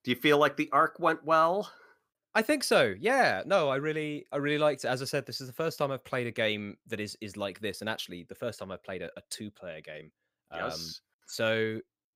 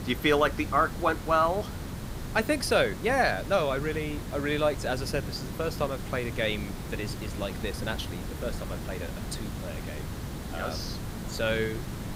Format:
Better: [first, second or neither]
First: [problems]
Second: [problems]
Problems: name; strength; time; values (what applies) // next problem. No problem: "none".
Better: first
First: none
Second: hiss; loud; throughout; 8 dB below the speech